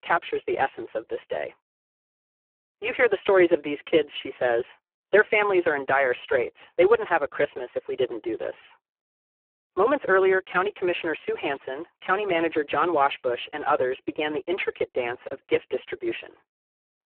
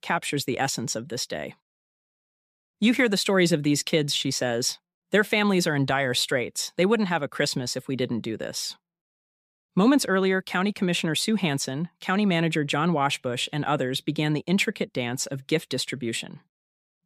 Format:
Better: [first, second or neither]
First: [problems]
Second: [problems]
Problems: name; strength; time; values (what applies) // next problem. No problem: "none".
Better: second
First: phone-call audio; poor line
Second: none